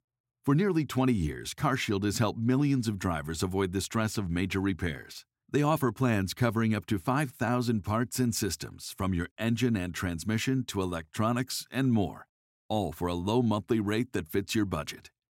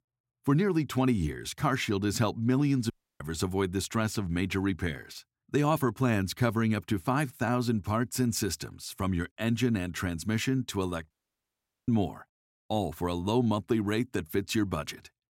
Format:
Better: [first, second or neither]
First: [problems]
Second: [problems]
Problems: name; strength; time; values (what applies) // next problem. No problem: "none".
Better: first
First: none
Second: audio cutting out; at 3 s and at 11 s for 1 s